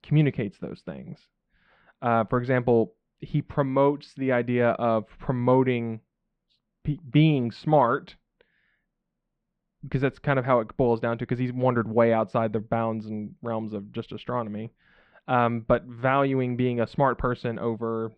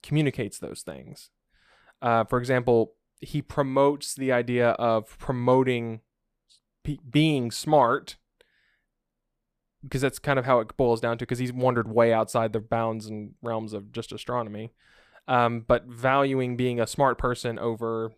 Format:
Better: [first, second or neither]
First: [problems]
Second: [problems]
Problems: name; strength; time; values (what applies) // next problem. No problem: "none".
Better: second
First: muffled; slightly; fading above 3 kHz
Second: none